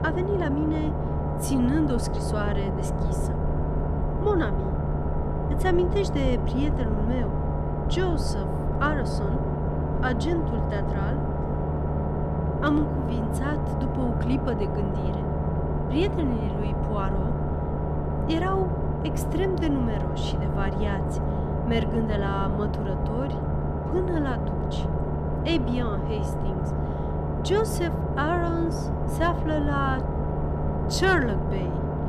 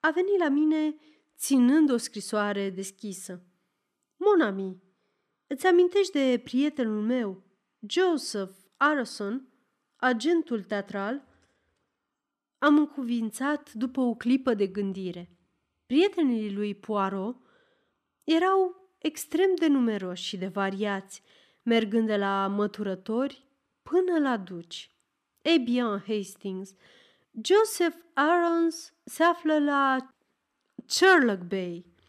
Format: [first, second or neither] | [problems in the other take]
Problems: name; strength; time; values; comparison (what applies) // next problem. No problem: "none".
second | low rumble; loud; throughout; 3 dB below the speech